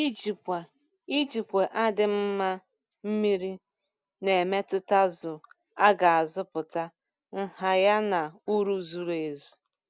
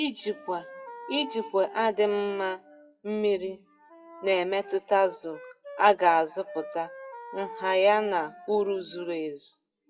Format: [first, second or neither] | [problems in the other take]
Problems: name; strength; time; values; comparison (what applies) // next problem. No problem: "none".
first | noise reduction (classical method WPE with log-MMSE)